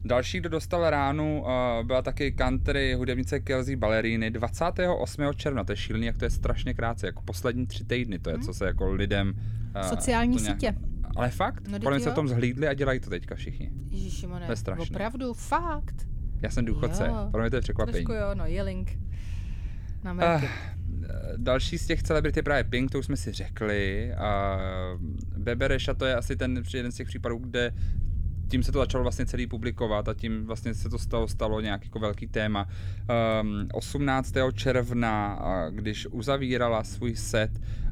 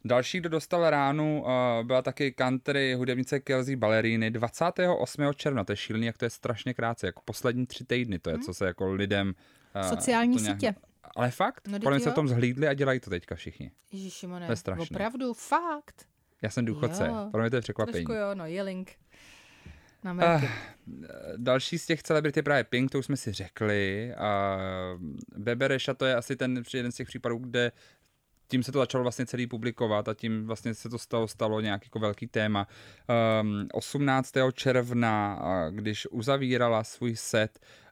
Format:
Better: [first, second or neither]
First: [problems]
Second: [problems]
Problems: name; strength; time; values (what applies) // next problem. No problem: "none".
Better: second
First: low rumble; faint; throughout; 20 dB below the speech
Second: none